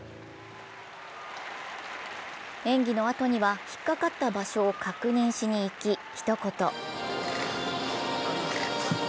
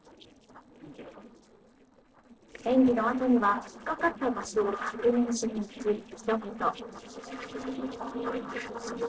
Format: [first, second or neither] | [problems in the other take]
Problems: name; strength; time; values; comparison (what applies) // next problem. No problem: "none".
first | noise reduction (neural separator model SepFormer DNS4)